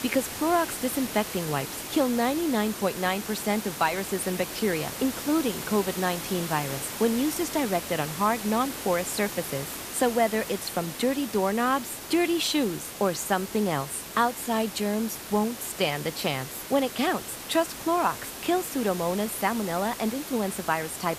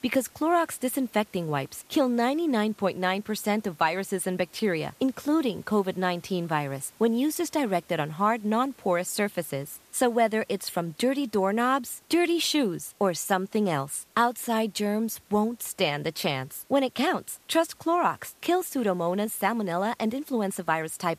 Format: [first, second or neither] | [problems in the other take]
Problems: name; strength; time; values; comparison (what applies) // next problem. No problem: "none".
second | hiss; loud; throughout; 8 dB below the speech; faint in the second